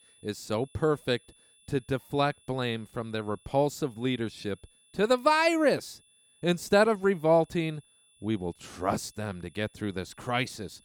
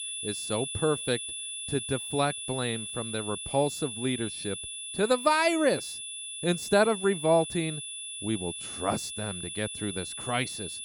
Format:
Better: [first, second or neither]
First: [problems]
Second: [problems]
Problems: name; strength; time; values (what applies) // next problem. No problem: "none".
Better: first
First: high-pitched whine; faint; throughout; 3.5 kHz, 30 dB below the speech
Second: high-pitched whine; loud; throughout; 3.5 kHz, 6 dB below the speech